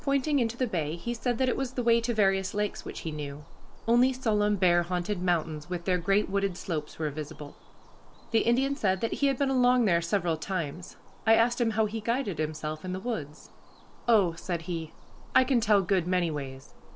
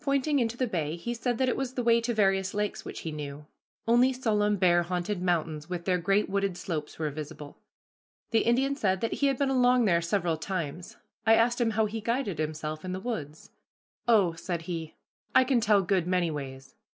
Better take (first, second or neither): second